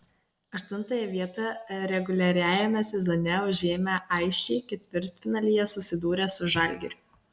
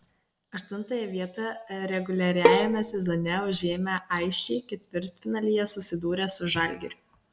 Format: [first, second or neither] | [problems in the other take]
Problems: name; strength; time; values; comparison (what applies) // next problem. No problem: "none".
first | background sound (Bowed string instrument); 3 dB above the speech